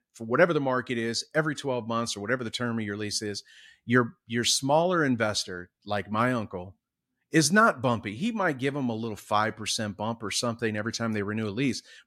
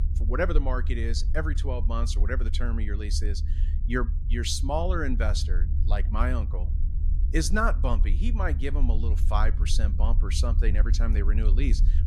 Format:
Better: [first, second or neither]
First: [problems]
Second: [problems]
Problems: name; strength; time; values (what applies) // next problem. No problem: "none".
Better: first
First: none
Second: low rumble; noticeable; throughout; 15 dB below the speech